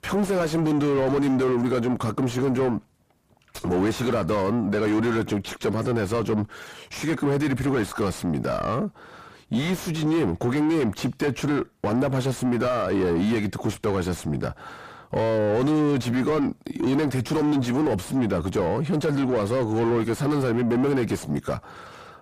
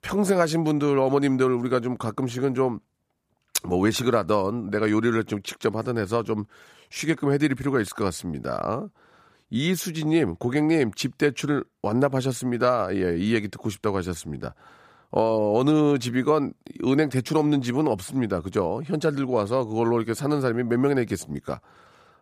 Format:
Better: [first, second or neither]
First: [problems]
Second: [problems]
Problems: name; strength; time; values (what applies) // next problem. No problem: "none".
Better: second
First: distortion; heavy; 6 dB below the speech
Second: none